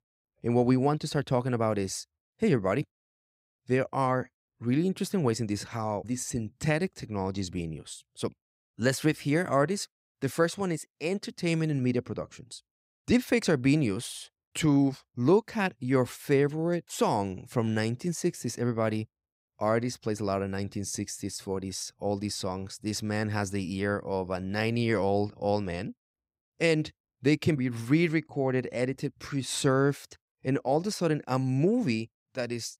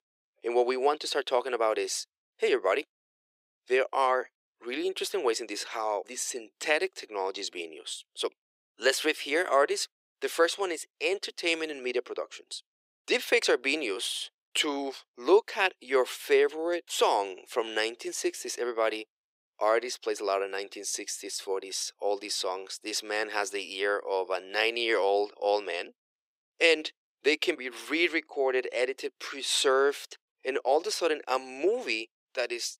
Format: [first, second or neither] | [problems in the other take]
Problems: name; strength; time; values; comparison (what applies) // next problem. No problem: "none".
first | thin; very; fading below 350 Hz